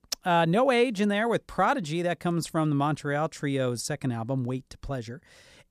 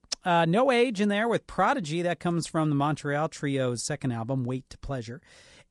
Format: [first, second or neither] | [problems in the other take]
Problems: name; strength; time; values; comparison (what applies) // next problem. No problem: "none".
first | garbled, watery; slightly; nothing above 10.5 kHz